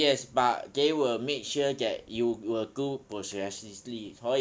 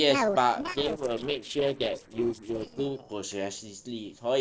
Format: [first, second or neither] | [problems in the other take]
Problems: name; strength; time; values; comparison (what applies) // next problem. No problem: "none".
first | noise reduction (neural separator model SepFormer DNS4)